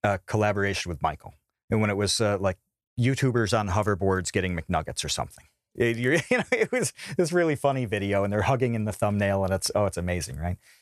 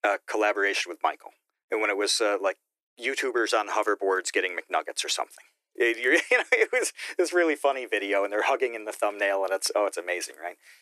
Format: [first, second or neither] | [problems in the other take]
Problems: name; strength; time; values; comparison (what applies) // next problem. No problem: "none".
first | thin; very; fading below 300 Hz